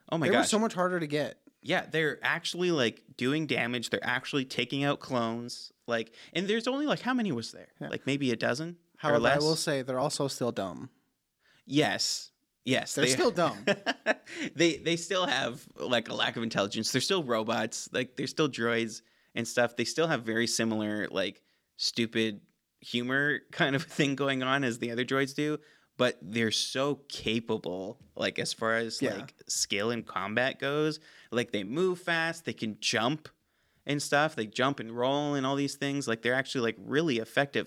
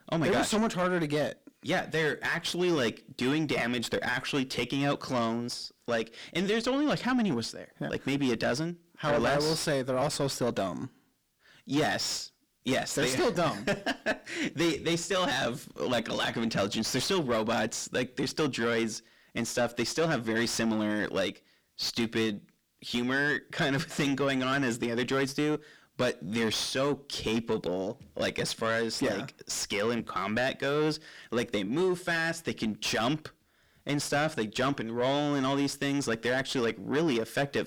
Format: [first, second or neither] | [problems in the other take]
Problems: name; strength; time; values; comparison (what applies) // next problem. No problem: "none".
first | distortion; heavy; 7 dB below the speech